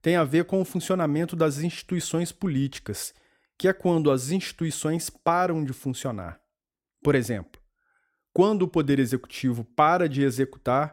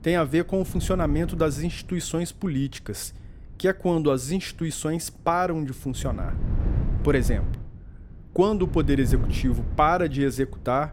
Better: first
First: none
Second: wind noise on the microphone; occasional gusts; 15 dB below the speech

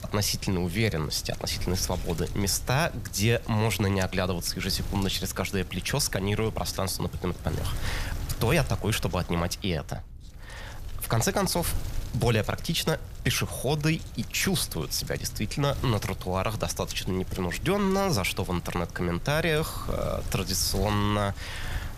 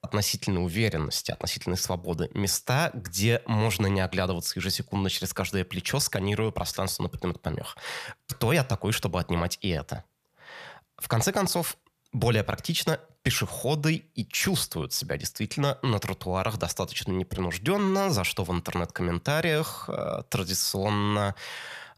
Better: second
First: wind noise on the microphone; occasional gusts; 15 dB below the speech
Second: none

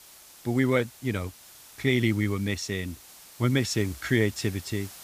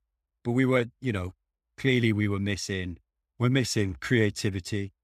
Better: second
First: hiss; noticeable; throughout; 20 dB below the speech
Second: none

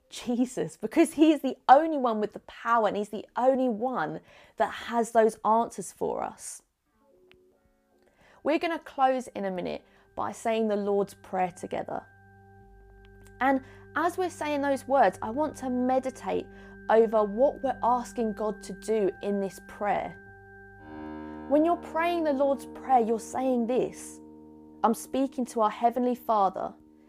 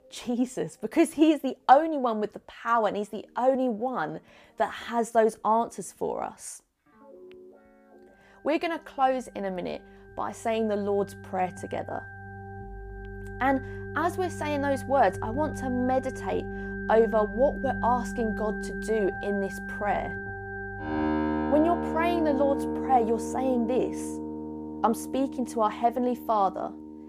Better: first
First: background music; faint; throughout; 20 dB below the speech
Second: background music; loud; throughout; 7 dB below the speech

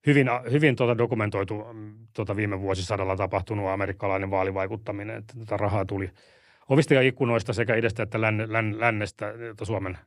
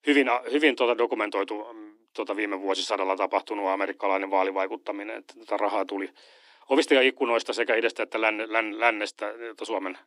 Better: first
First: none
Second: thin; somewhat; fading below 250 Hz

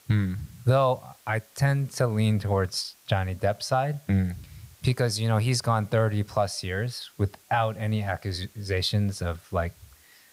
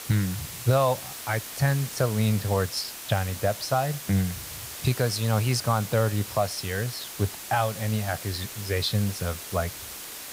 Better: first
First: hiss; faint; throughout; 30 dB below the speech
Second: hiss; loud; throughout; 9 dB below the speech

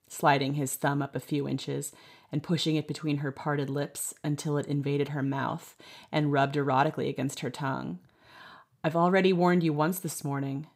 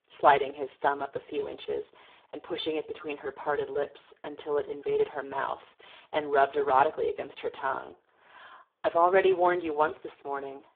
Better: first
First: none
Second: phone-call audio; poor line

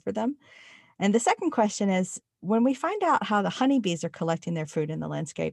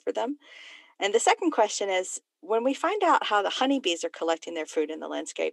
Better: first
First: none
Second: thin; somewhat; fading below 300 Hz

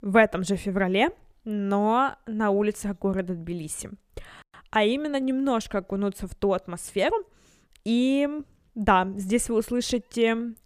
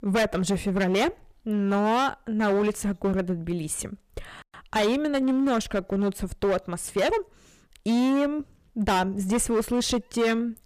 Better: first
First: none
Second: distortion; heavy; 13% of the sound clipped

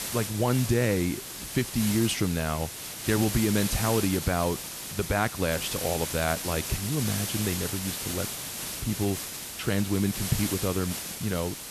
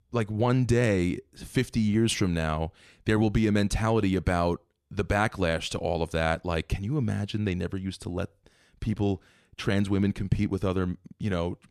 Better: second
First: hiss; loud; throughout; 4 dB below the speech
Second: none

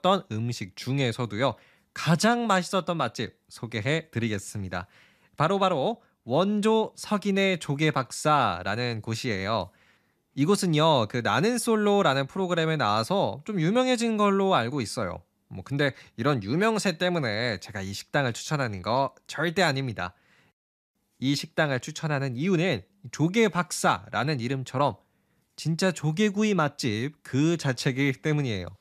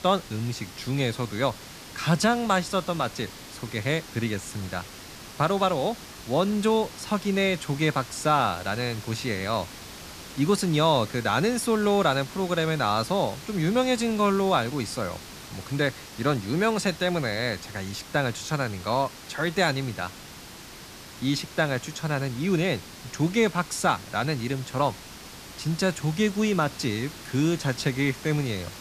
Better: first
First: none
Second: hiss; noticeable; throughout; 15 dB below the speech

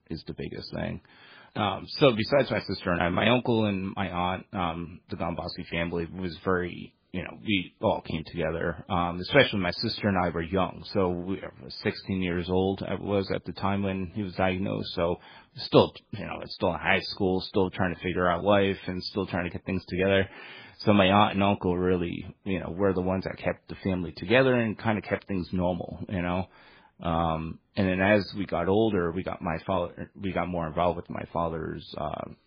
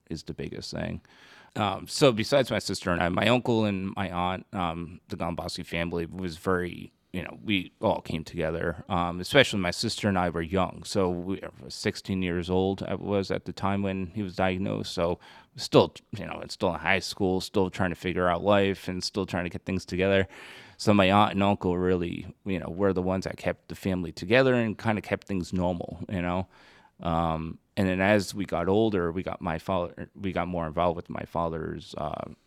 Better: second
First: garbled, watery; badly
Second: none

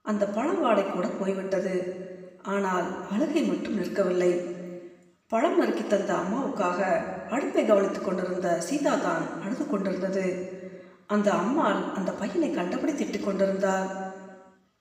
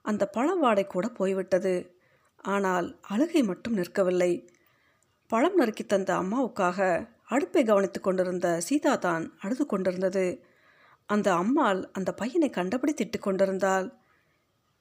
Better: second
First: room echo; noticeable; dies away in 1.5 s // off-mic speech; far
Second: none

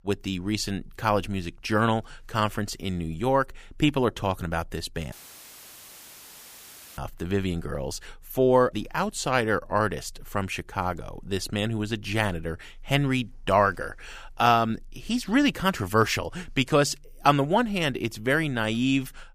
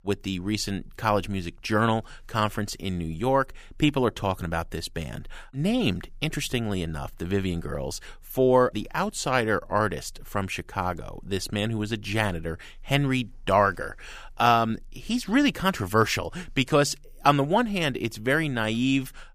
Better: second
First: audio cutting out; filled with static; at 5 s for 2 s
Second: none

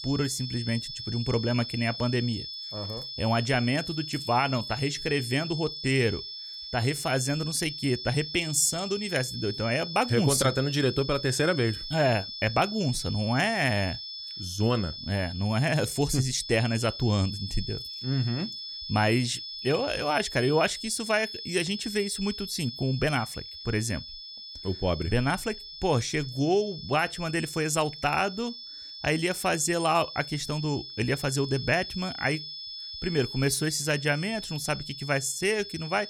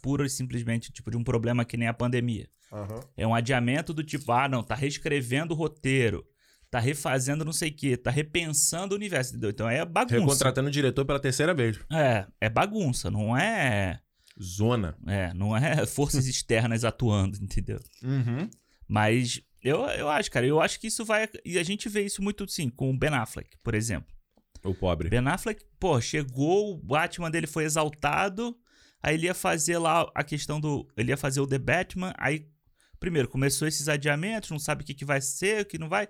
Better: second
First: high-pitched whine; loud; throughout; 5.5 kHz, 9 dB below the speech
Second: none

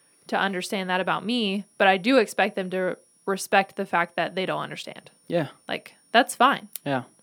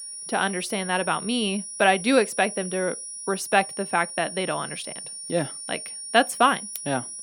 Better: first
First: high-pitched whine; faint; throughout; 9.5 kHz, 35 dB below the speech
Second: high-pitched whine; loud; throughout; 9.5 kHz, 9 dB below the speech

